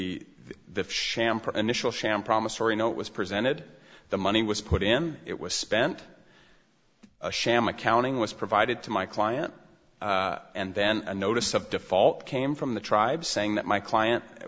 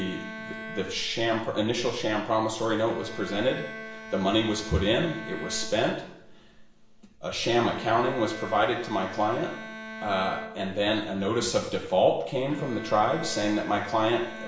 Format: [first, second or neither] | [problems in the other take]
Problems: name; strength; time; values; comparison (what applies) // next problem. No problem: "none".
first | background sound (Bowed string instrument); 14 dB below the speech // room echo; dies away in 0.7 s